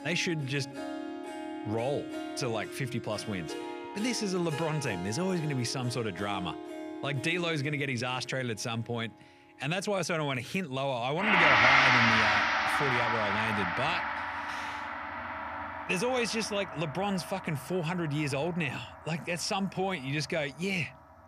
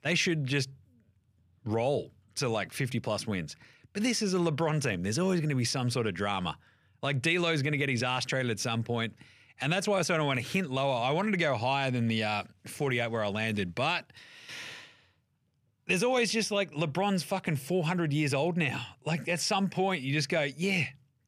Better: second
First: background music; very loud; throughout; 2 dB above the speech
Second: none

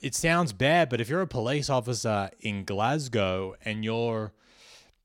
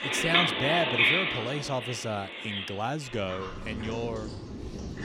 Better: first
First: none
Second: animal sounds; very loud; throughout; 5 dB above the speech

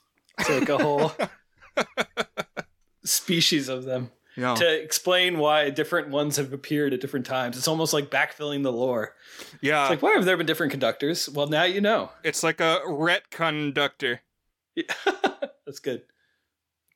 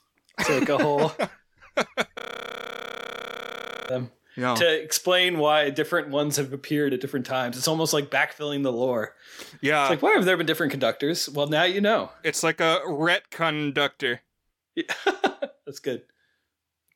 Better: first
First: none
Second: audio freezing; at 2 s for 1.5 s

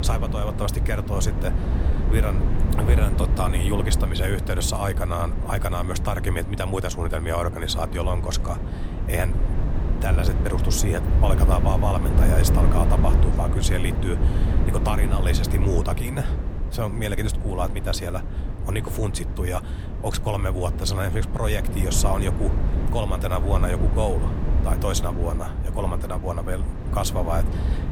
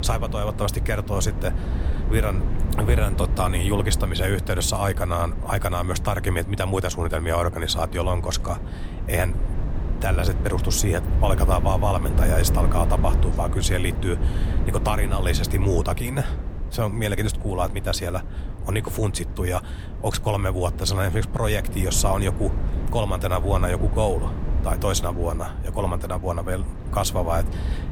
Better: second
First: wind noise on the microphone; heavy; 7 dB below the speech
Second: wind noise on the microphone; occasional gusts; 10 dB below the speech

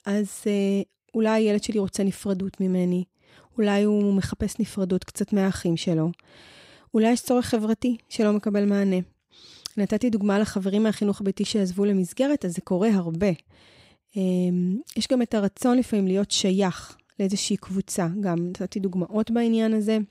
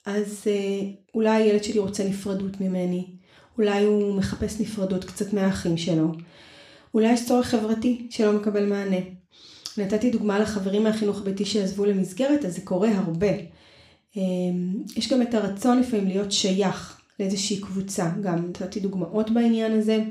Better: first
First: none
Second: room echo; slight; dies away in 0.4 s

